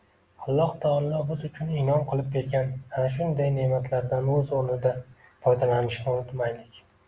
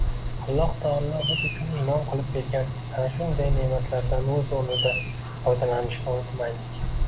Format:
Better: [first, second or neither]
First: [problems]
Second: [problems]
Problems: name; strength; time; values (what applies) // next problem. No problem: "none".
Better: first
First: none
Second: background sound (Mechanical fan + Bird vocalization, bird call, bird song); 1 dB below the speech